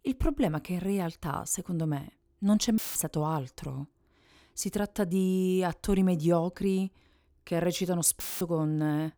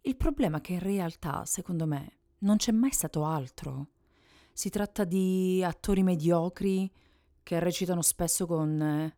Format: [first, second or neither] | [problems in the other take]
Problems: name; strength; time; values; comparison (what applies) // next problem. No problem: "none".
second | audio cutting out; filled with static; at 3 s and at 8 s